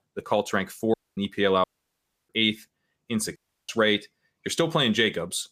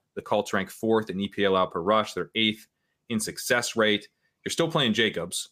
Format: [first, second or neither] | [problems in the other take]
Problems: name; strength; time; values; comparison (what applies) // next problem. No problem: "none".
second | audio cutting out; at 1 s, at 1.5 s for 0.5 s and at 3.5 s